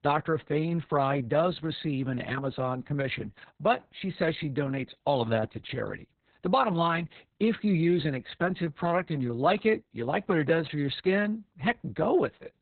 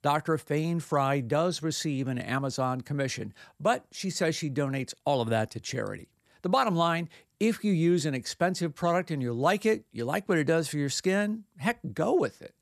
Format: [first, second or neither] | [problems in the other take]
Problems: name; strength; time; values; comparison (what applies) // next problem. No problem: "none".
second | garbled, watery; badly; nothing above 4 kHz